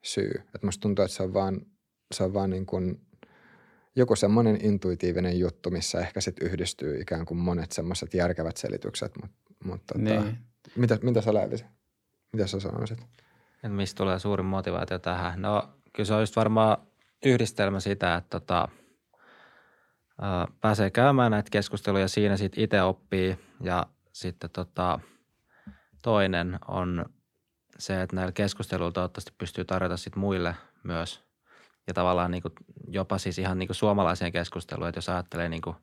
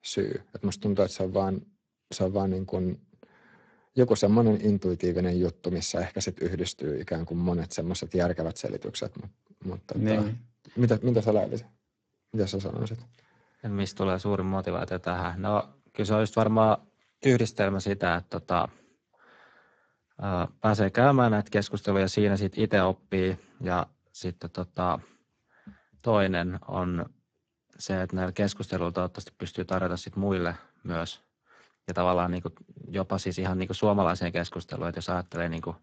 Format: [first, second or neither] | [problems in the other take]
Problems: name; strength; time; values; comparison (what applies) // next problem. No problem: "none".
first | garbled, watery; badly; nothing above 7.5 kHz